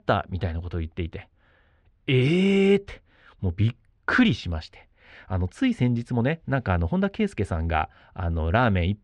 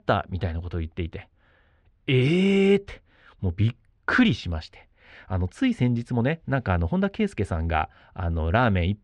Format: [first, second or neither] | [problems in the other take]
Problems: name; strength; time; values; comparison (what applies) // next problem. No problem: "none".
neither | muffled; slightly; fading above 2.5 kHz; the same in both